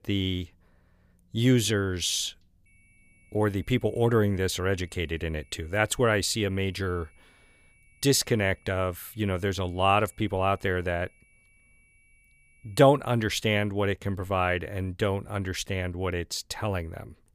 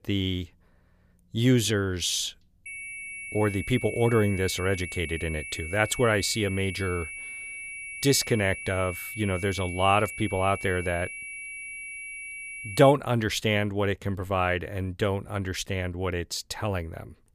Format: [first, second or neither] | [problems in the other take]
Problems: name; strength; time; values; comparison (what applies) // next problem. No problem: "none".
first | high-pitched whine; loud; from 2.5 to 13 s; 2 kHz, 9 dB below the speech; faint in the first